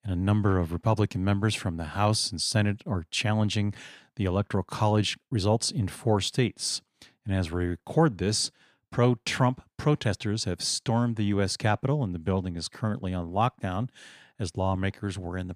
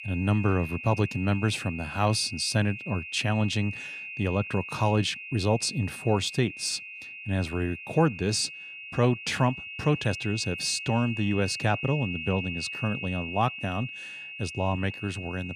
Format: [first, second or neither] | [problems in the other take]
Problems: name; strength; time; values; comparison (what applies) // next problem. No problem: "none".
first | high-pitched whine; loud; throughout; 2.5 kHz, 9 dB below the speech